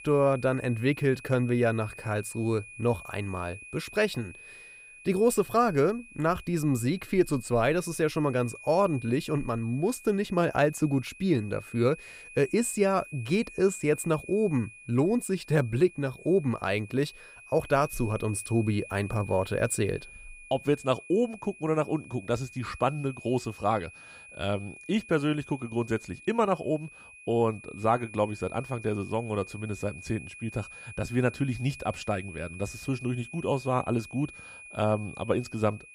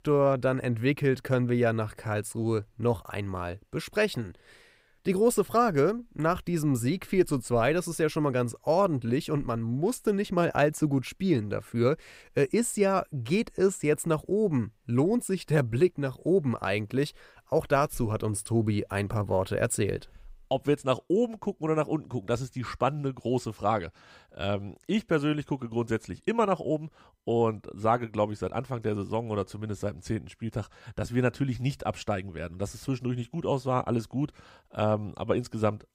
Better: second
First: high-pitched whine; noticeable; throughout; 2.5 kHz, 15 dB below the speech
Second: none

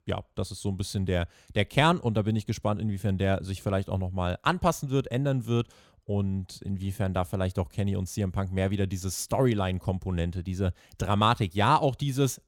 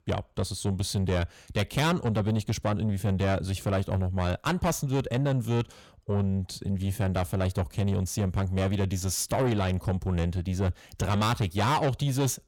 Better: first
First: none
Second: distortion; heavy; 8 dB below the speech

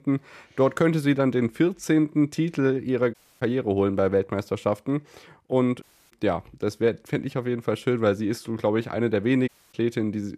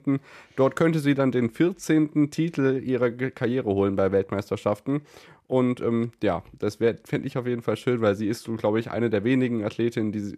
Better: second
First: audio cutting out; at 3 s, at 6 s and at 9.5 s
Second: none

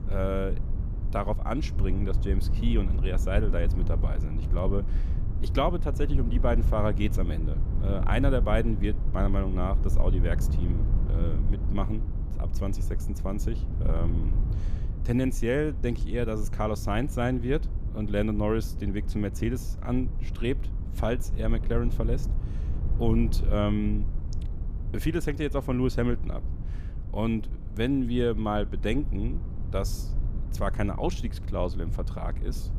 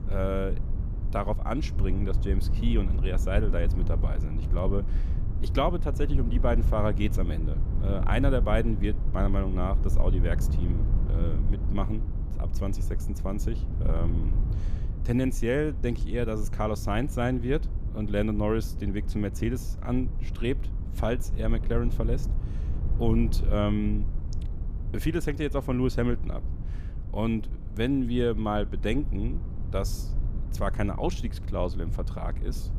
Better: neither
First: wind noise on the microphone; occasional gusts; 15 dB below the speech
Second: wind noise on the microphone; occasional gusts; 15 dB below the speech

